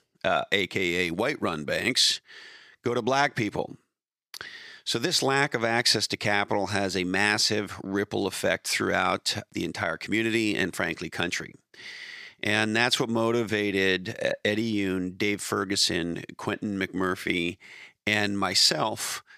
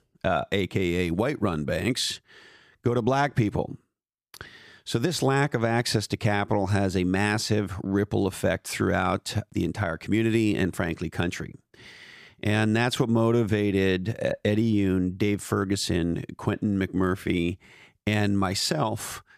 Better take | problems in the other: second | thin; very slightly; fading below 350 Hz

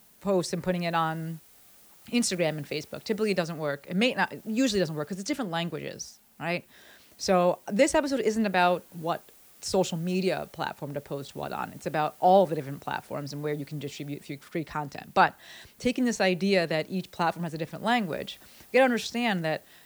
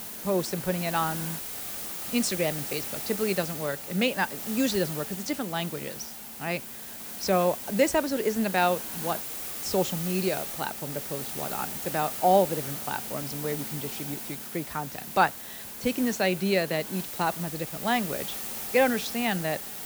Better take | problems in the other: first | hiss; loud; throughout; 5 dB below the speech; faint in the first

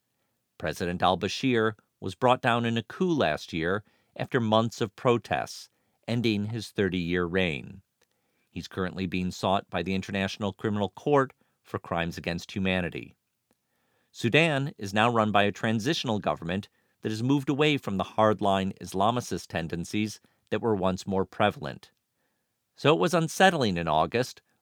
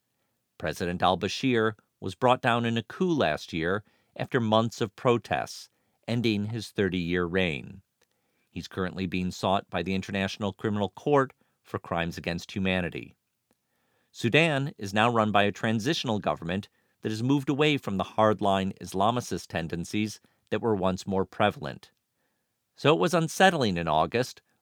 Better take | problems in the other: neither | none

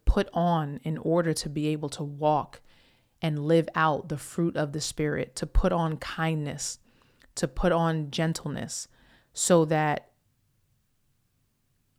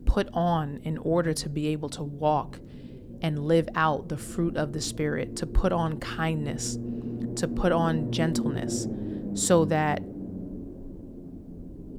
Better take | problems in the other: first | low rumble; noticeable; throughout; 15 dB below the speech

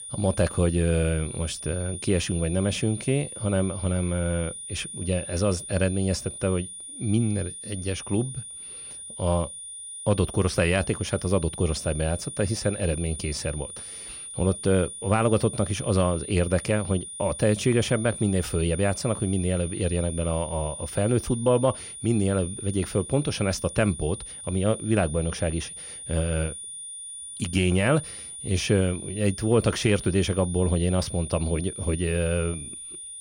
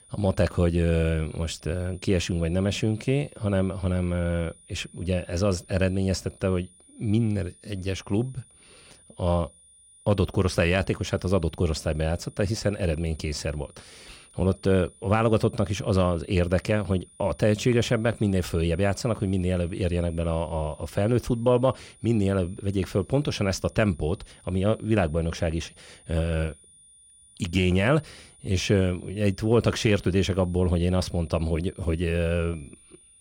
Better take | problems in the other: second | high-pitched whine; loud; throughout; 9.5 kHz, 10 dB below the speech; faint in the second

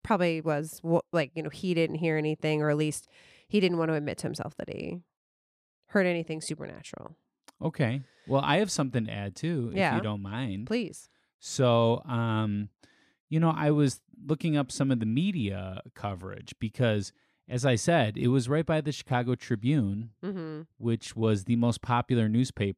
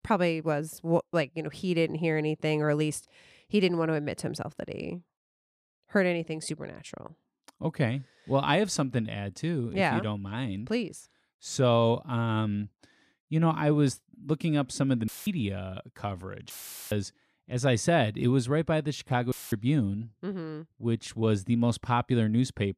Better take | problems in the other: first | audio cutting out; filled with static; at 15 s, at 17 s and at 19 s

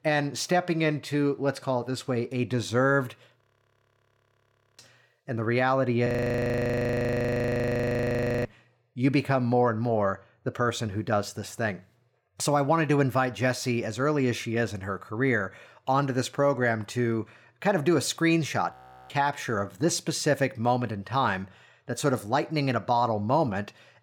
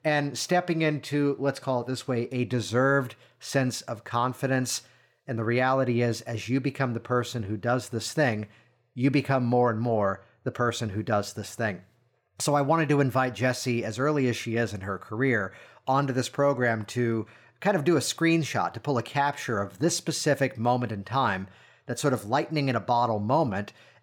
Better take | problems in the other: second | audio freezing; at 3.5 s for 1.5 s, at 6 s for 2.5 s and at 19 s

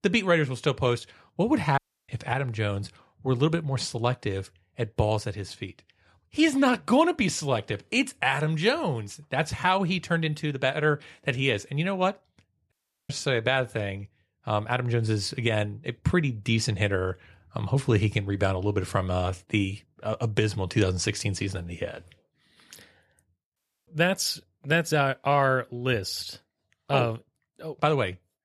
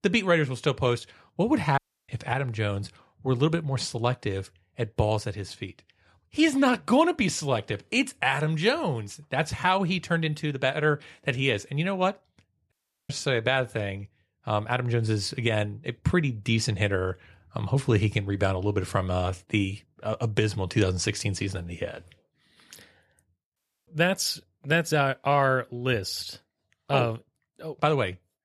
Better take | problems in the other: neither | audio cutting out; at 2 s, at 13 s and at 24 s; the same in both

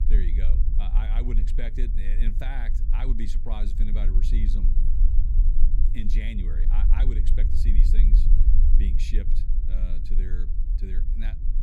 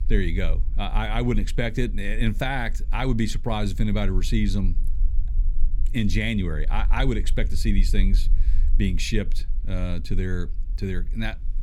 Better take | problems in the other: second | low rumble; loud; throughout; 5 dB below the speech; faint in the second

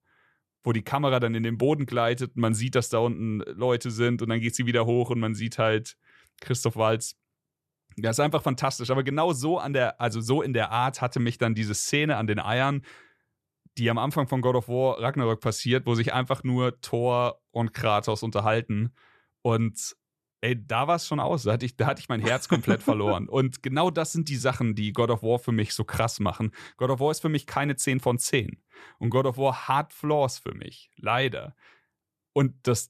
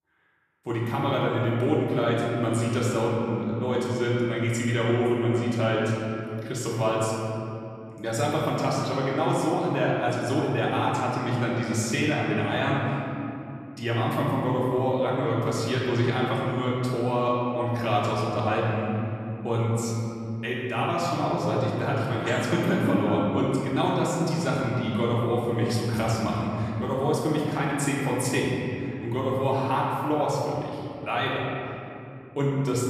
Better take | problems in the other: first | off-mic speech; far // room echo; noticeable; dies away in 2.7 s

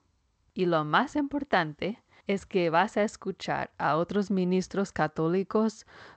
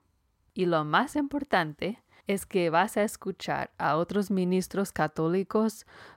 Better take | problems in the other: second | garbled, watery; slightly; nothing above 8 kHz

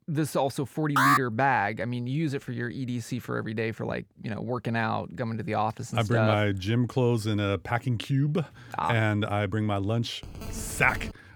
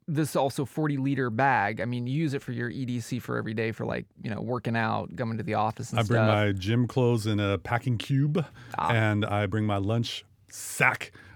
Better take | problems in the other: second | alarm; loud; at 1 s; peak 6 dB above the speech // phone ringing; faint; at 10 s; peak 10 dB below the speech

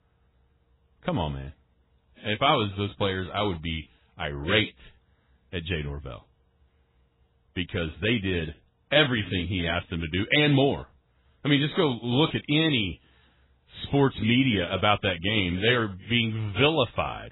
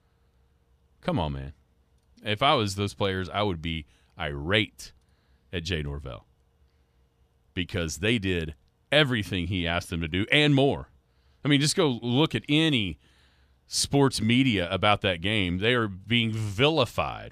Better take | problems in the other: second | garbled, watery; badly; nothing above 4 kHz

